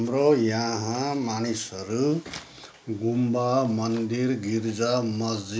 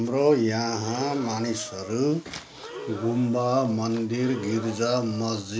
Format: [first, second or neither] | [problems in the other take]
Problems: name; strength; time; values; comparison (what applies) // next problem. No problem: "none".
first | background sound (Breathing); 14 dB below the speech